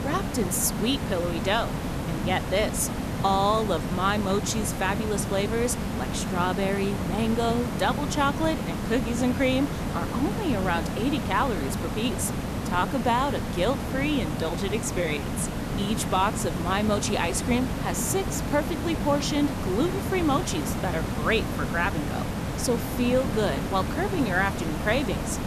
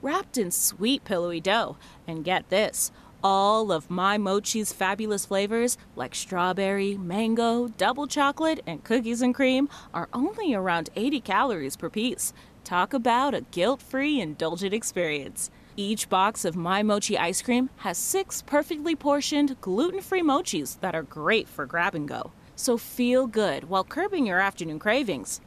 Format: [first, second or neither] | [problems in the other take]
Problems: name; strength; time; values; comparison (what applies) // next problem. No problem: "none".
second | hiss; loud; throughout; 3 dB below the speech; faint in the second